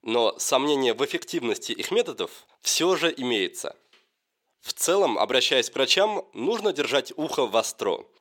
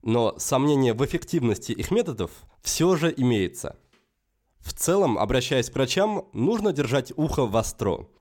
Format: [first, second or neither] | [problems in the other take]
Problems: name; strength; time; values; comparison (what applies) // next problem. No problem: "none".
second | thin; somewhat; fading below 400 Hz